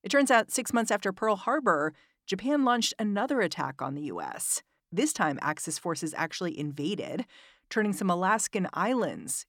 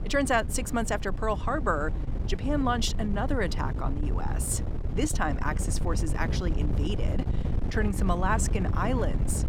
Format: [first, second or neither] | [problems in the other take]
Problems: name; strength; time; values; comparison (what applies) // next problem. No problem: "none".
first | wind noise on the microphone; occasional gusts; 10 dB below the speech